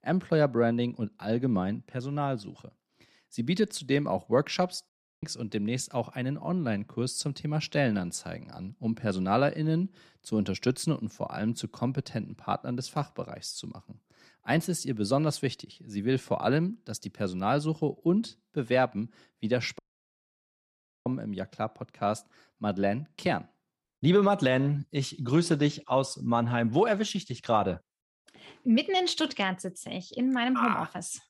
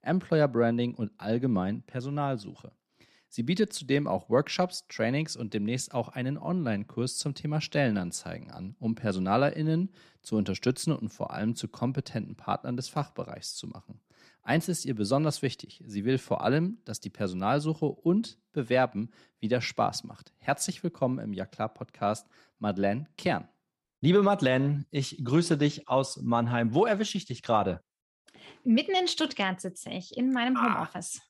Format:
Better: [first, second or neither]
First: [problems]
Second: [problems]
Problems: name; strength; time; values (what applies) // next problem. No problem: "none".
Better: second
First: audio cutting out; at 5 s and at 20 s for 1.5 s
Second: none